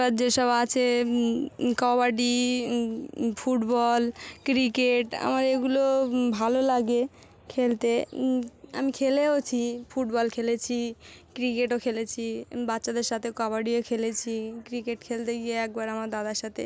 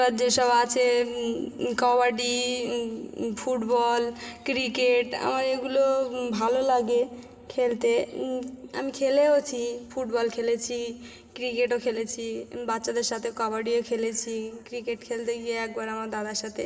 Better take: first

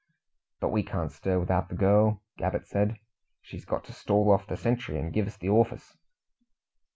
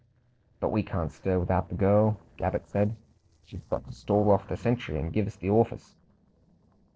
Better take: first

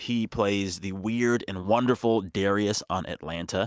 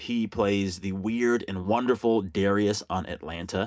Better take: first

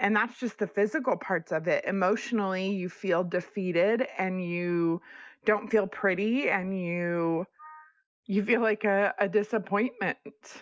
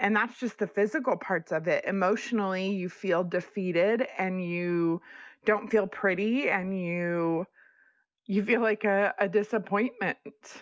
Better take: second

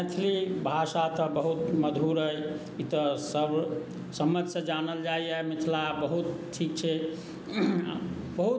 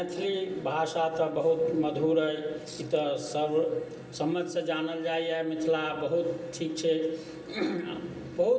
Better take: first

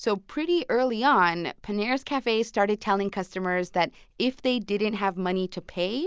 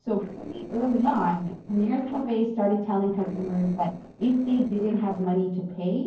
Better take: first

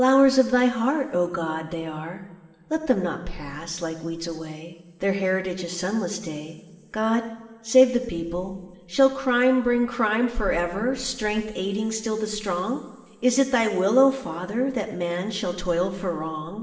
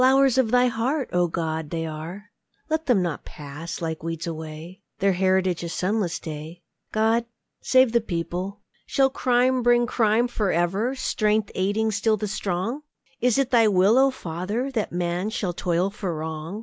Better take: second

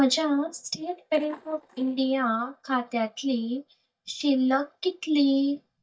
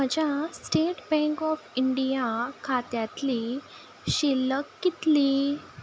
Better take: second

